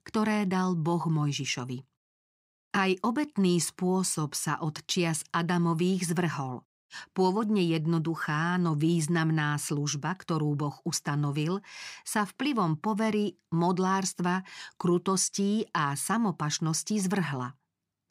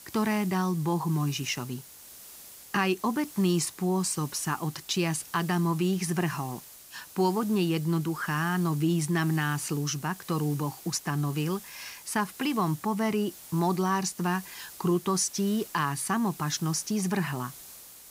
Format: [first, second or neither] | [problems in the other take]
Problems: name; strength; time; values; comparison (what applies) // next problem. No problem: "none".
first | hiss; noticeable; throughout; 15 dB below the speech